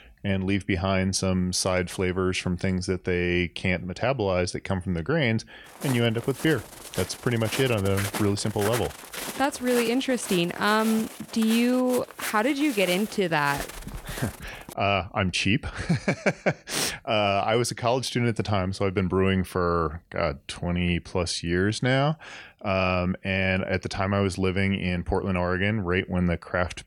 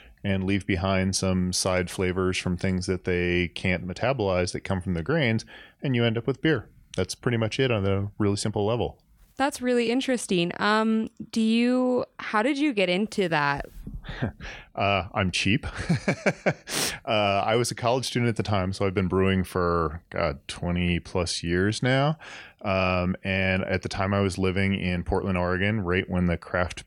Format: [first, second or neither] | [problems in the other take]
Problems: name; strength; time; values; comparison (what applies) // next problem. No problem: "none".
second | footsteps; noticeable; from 6 to 15 s; peak 5 dB below the speech